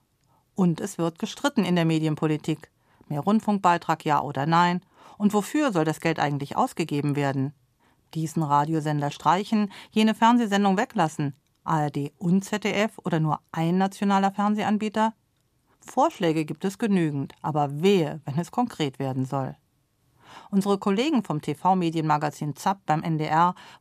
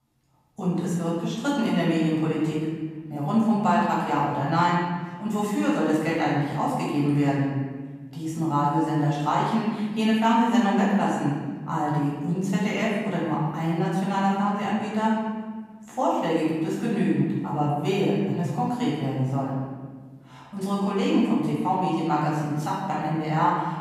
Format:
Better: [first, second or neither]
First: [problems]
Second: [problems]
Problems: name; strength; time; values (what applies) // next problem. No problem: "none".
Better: first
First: none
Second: room echo; strong; dies away in 1.4 s // off-mic speech; far